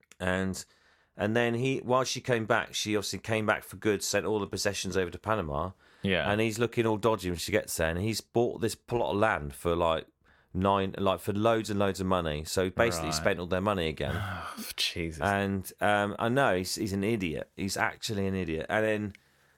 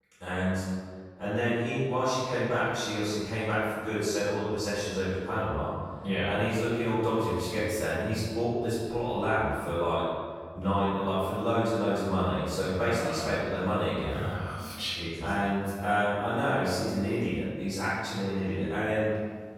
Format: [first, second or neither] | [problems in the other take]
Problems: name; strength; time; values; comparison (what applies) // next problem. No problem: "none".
first | room echo; strong; dies away in 1.6 s // off-mic speech; far